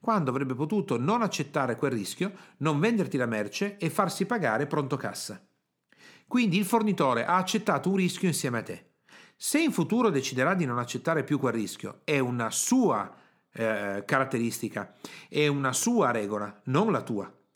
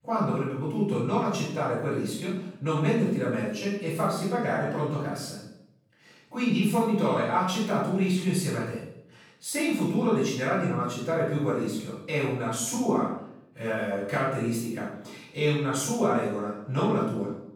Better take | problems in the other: first | off-mic speech; far // room echo; noticeable; dies away in 0.6 s

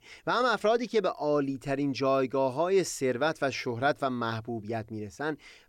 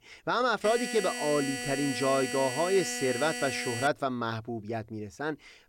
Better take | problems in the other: first | alarm; noticeable; from 0.5 to 4 s; peak 4 dB below the speech

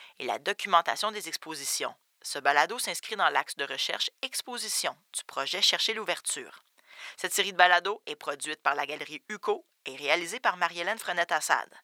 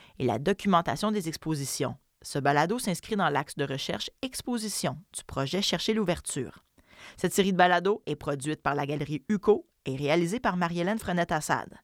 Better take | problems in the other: second | thin; very; fading below 750 Hz

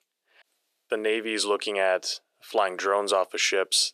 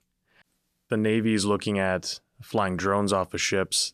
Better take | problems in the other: second | thin; very; fading below 400 Hz

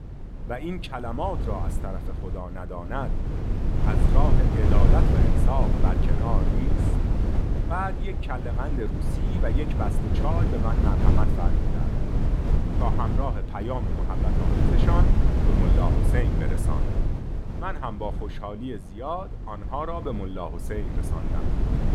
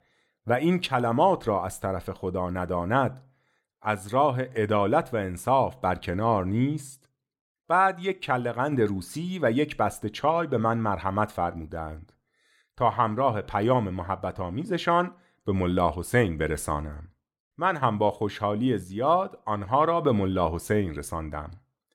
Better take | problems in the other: second | wind noise on the microphone; heavy; 2 dB below the speech

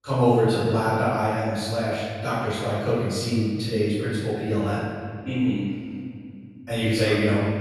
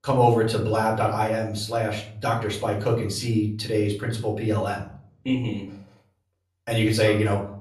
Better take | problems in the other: second | room echo; strong; dies away in 2.2 s; slight in the second // off-mic speech; far; far in the second

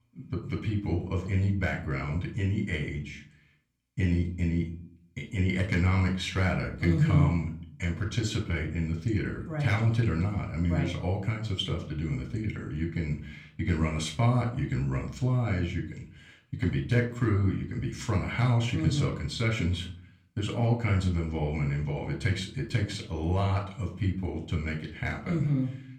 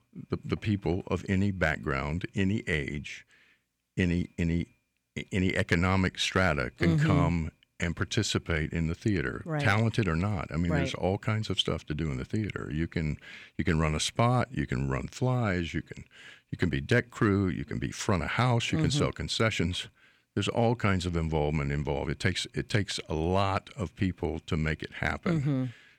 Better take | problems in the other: second | off-mic speech; somewhat distant // room echo; slight; dies away in 0.5 s

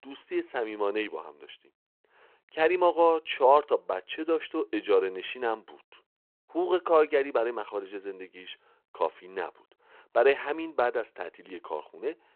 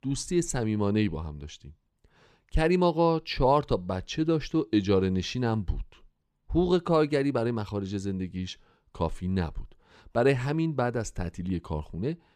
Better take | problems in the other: second | phone-call audio

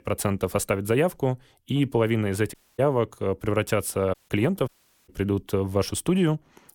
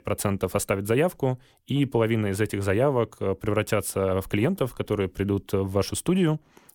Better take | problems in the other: second | audio cutting out; at 2.5 s, at 4 s and at 4.5 s

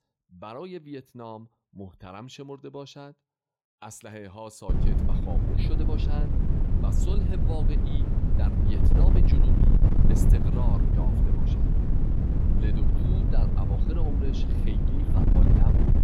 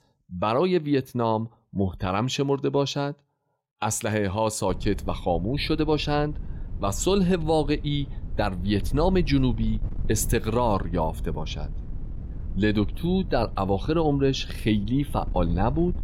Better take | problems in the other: second | wind noise on the microphone; heavy; from 4.5 s on; 4 dB above the speech; occasional gusts in the second

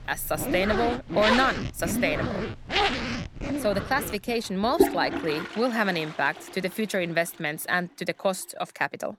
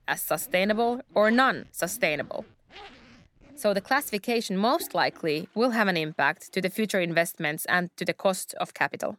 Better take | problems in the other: second | household noises; loud; throughout; 2 dB below the speech; faint in the second

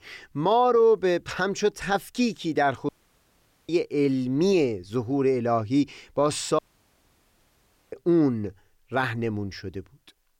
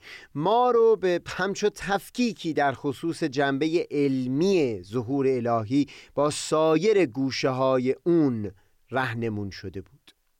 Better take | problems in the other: second | audio cutting out; at 3 s for 1 s and at 6.5 s for 1.5 s

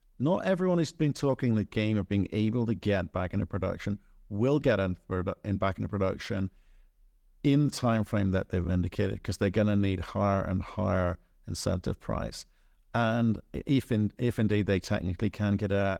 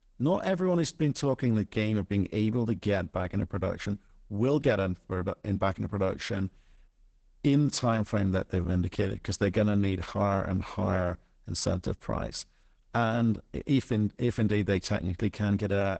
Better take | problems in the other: first | garbled, watery; badly; nothing above 8 kHz; slightly in the first

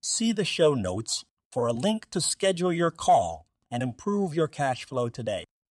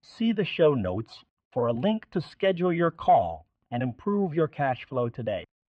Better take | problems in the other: first | muffled; very; fading above 2.5 kHz

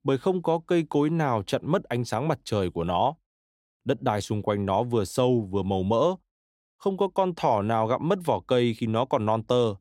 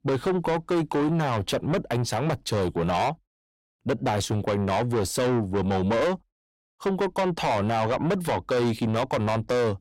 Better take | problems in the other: first | distortion; heavy; 6 dB below the speech

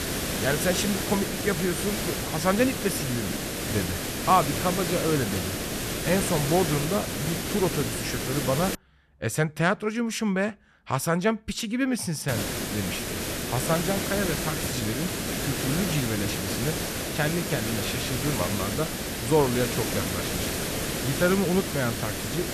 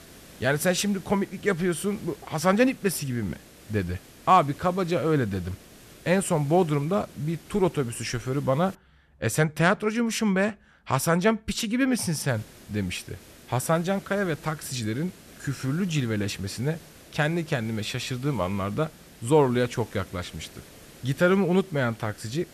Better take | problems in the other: second | hiss; loud; until 9 s and from 12 s on; 1 dB below the speech; faint in the second

